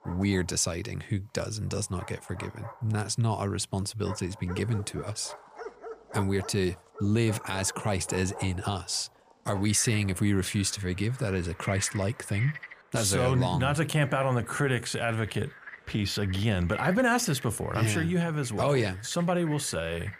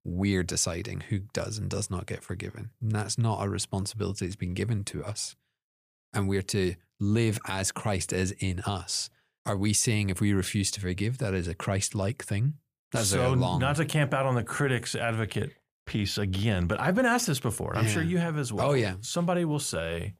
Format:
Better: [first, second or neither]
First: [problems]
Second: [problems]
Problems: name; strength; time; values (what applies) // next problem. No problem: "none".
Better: second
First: animal sounds; noticeable; throughout; 15 dB below the speech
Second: none